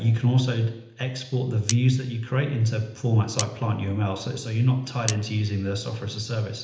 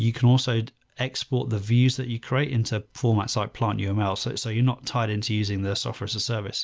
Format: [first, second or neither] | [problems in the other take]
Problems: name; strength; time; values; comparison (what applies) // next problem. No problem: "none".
second | background sound (Cutlery, silverware); 13 dB below the speech // room echo; dies away in 0.8 s